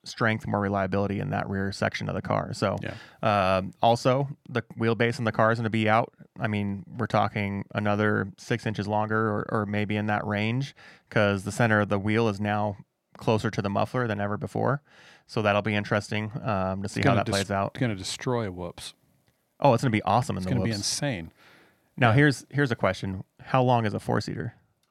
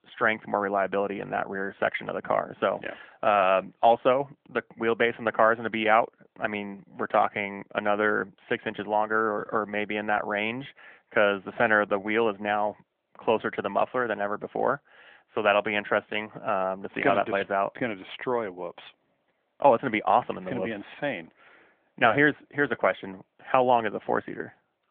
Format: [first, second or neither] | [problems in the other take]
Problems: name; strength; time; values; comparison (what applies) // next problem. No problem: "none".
first | phone-call audio